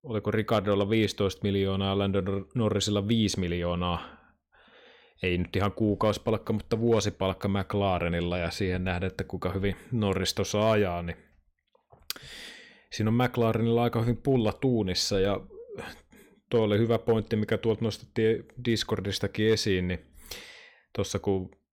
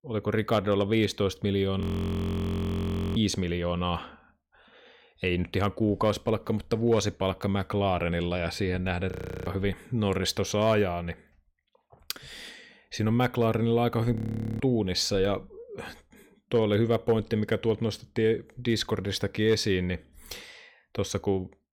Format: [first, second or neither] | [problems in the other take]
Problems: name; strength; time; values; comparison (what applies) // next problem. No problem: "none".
first | audio freezing; at 2 s for 1.5 s, at 9 s and at 14 s